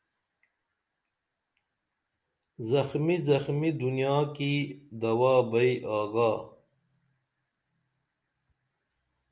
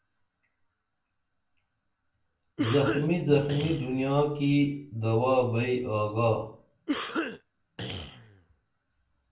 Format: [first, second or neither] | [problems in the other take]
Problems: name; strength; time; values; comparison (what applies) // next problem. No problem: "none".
first | background sound (Cough); 7 dB below the speech // room echo; dies away in 0.3 s